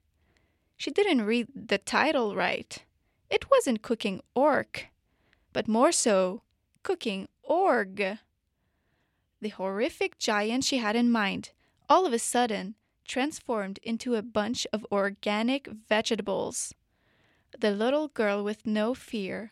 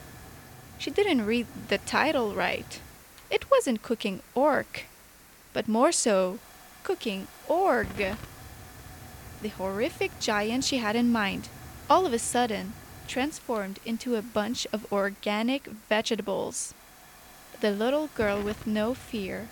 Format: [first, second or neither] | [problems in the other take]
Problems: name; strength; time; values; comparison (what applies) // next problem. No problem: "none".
first | hiss; noticeable; throughout; 20 dB below the speech